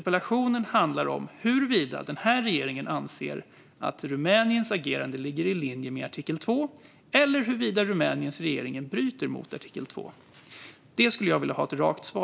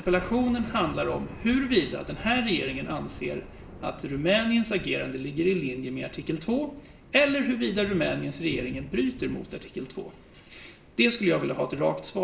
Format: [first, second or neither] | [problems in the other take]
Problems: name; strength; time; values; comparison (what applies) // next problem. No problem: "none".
first | background sound (Thunder / Rain); 16 dB below the speech // room echo; dies away in 0.5 s